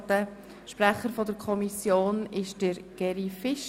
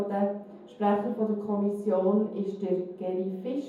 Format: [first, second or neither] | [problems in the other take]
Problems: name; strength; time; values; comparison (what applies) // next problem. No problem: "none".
first | room echo; dies away in 0.7 s